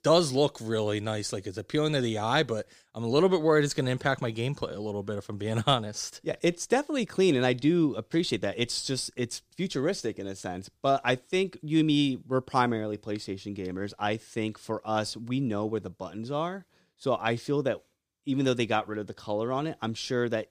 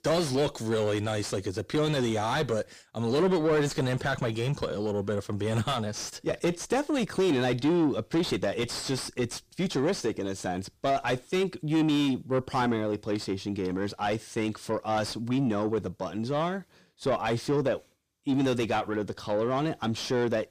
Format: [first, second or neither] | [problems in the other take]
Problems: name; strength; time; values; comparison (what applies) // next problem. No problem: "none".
first | distortion; heavy; 6 dB below the speech